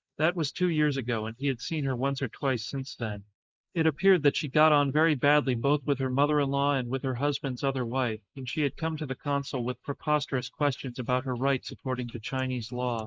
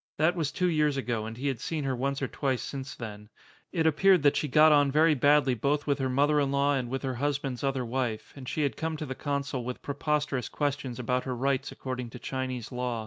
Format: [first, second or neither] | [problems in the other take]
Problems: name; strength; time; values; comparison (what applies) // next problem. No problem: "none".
second | noise reduction (neural mask model Resemble Enhance denoiser)